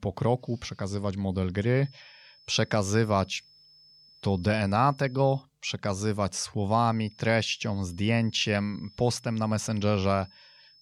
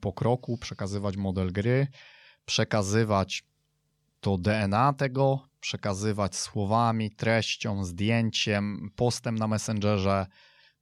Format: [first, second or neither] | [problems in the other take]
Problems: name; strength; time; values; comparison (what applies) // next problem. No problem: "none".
second | high-pitched whine; faint; from 2 to 5.5 s and from 7 s on; 5 kHz, 25 dB below the speech